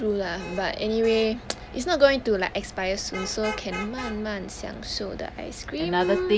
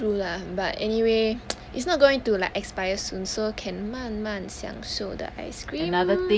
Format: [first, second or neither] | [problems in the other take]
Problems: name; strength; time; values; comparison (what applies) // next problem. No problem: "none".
second | background sound (Traffic noise, roadway noise / Vehicle horn, car horn, honking); 15 dB below the speech